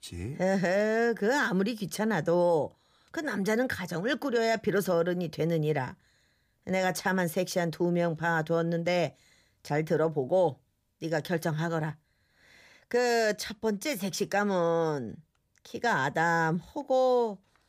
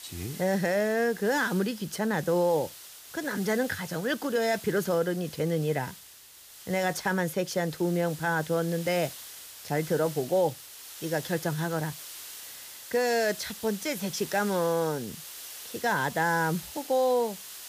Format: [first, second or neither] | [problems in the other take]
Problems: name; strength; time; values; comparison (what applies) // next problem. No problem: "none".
first | hiss; noticeable; throughout; 15 dB below the speech